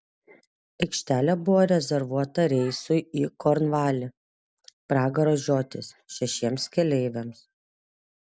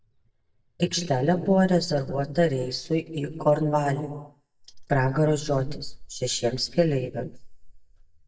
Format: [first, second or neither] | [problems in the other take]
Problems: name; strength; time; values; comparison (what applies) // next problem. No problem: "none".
first | noise reduction (neural mask model DeepFilterNet 3)